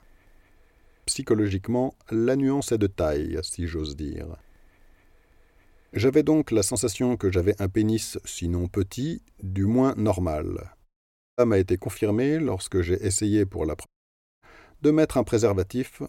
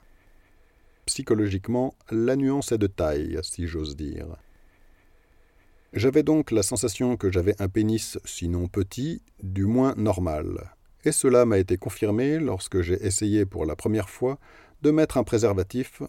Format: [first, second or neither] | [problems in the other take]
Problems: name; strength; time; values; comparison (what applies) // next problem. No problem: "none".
second | audio cutting out; at 11 s for 0.5 s and at 14 s for 0.5 s